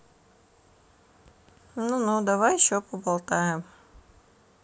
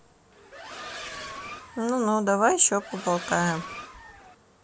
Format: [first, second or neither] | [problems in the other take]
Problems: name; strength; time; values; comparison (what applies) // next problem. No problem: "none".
first | background sound (Accelerating, revving, vroom); 13 dB below the speech